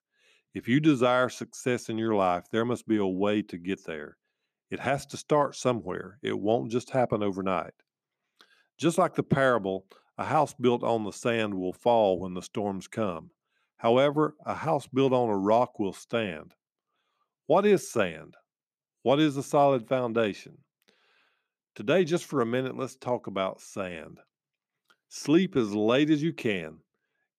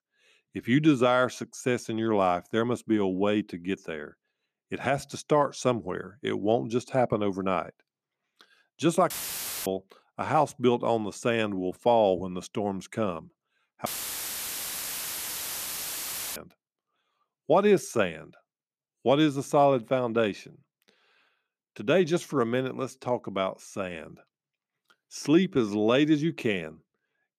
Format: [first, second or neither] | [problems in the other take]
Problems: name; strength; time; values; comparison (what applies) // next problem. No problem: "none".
first | audio cutting out; filled with static; at 9 s for 0.5 s and at 14 s for 2.5 s